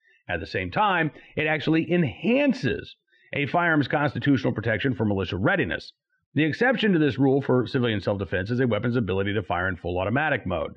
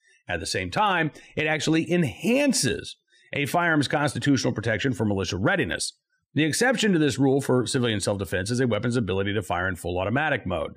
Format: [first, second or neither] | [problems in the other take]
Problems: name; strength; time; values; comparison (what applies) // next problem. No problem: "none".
second | muffled; very; fading above 3.5 kHz